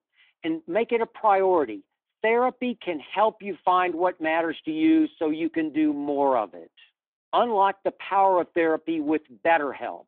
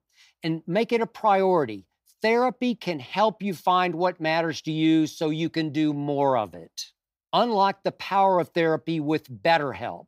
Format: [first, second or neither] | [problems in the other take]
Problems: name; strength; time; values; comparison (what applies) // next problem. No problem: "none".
second | phone-call audio